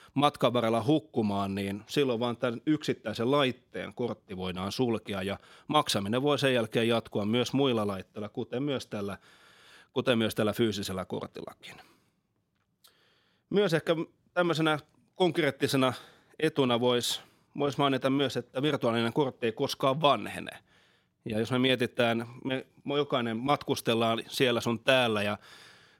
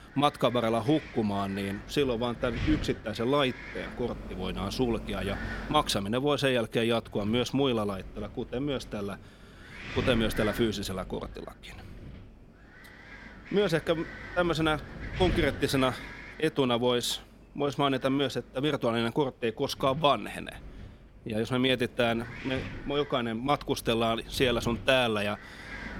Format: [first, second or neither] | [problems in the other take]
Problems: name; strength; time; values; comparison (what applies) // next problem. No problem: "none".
first | wind noise on the microphone; occasional gusts; 15 dB below the speech